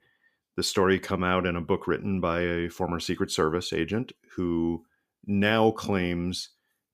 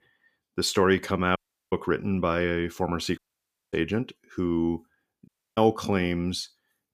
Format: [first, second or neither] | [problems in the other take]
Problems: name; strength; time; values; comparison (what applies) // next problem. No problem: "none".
first | audio cutting out; at 1.5 s, at 3 s for 0.5 s and at 5.5 s